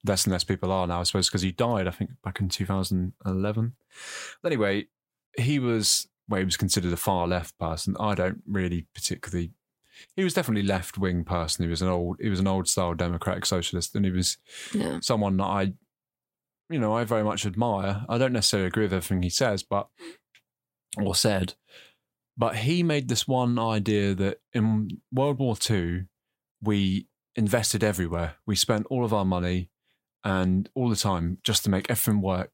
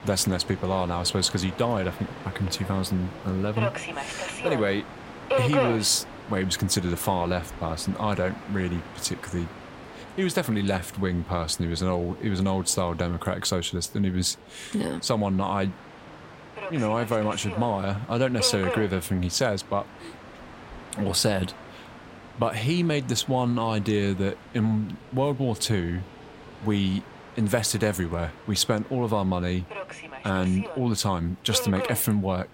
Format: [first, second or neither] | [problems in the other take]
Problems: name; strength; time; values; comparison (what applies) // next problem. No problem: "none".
first | train or aircraft noise; noticeable; throughout; 10 dB below the speech